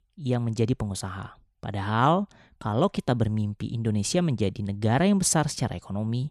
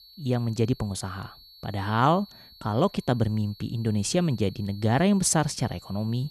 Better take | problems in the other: first | high-pitched whine; faint; throughout; 4.5 kHz, 20 dB below the speech

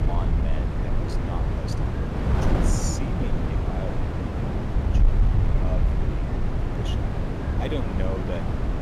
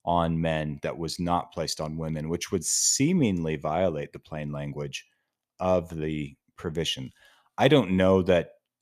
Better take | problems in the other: second | wind noise on the microphone; heavy; 4 dB above the speech

